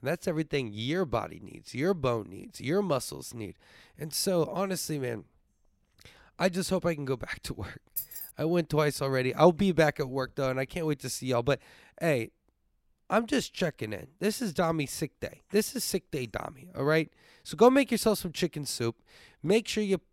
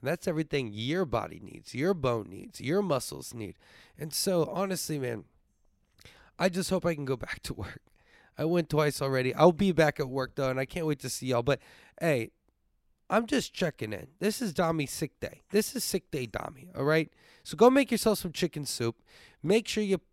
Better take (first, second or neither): second